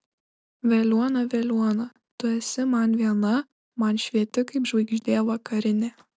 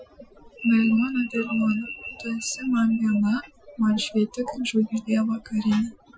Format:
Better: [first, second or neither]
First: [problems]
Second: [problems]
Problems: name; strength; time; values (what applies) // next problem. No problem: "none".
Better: first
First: none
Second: noise reduction (classical method Wiener filter)